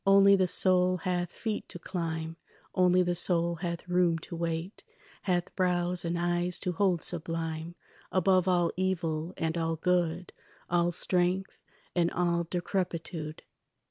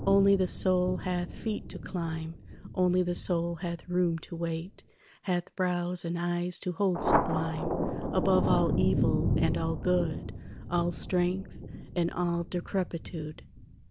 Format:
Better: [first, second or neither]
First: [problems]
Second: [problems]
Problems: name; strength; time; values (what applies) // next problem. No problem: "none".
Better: first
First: none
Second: background sound (Thunder); 4 dB below the speech